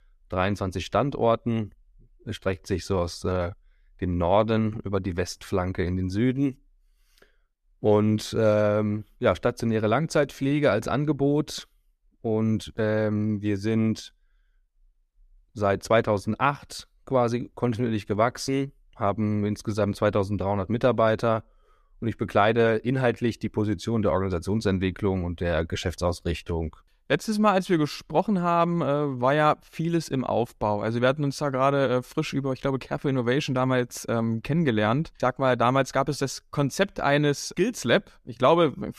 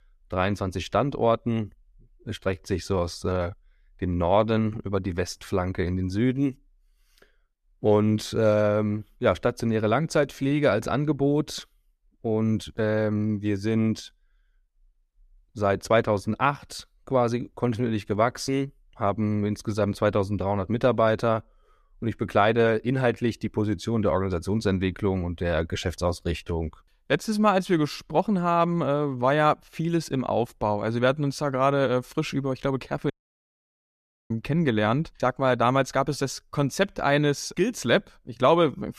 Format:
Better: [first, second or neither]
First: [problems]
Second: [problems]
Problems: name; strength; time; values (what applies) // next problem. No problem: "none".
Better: first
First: none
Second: audio cutting out; at 33 s for 1 s